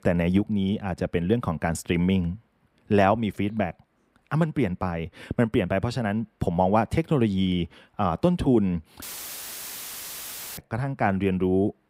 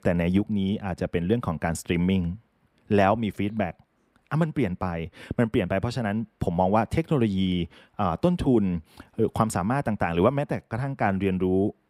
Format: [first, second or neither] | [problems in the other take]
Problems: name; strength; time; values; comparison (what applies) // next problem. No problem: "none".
second | audio cutting out; filled with static; at 9 s for 1.5 s